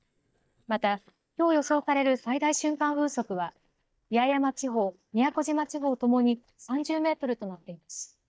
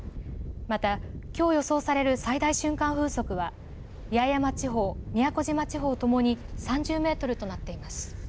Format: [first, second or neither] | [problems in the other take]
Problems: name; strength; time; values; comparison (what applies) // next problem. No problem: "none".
second | noise reduction (neural mask model DeepFilterNet 3)